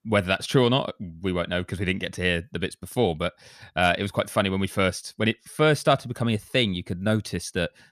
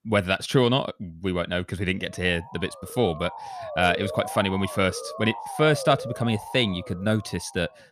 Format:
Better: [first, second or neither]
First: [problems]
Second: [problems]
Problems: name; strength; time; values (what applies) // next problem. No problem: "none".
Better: first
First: none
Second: siren; noticeable; from 2 s on; peak 7 dB below the speech